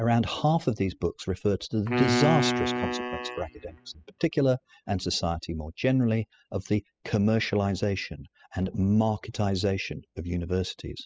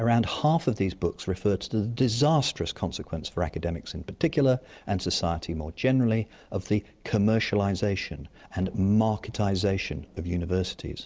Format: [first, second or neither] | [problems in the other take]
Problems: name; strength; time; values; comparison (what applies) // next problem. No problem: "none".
second | noise reduction (classical method spectral subtraction)